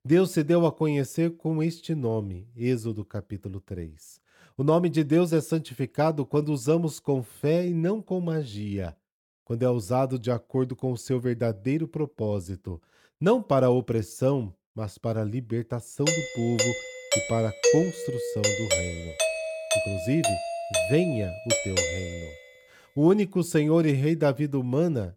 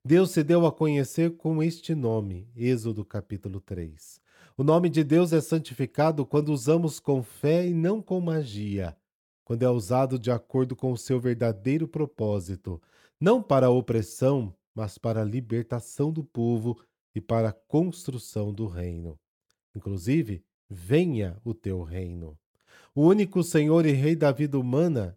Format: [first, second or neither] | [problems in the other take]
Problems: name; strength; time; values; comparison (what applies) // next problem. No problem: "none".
second | doorbell; loud; from 16 to 22 s; peak 4 dB above the speech